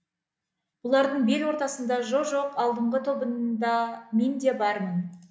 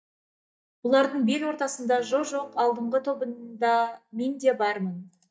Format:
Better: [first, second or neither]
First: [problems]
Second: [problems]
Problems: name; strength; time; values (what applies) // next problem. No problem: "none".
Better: first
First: none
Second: noise reduction (neural mask model DeepFilterNet 3)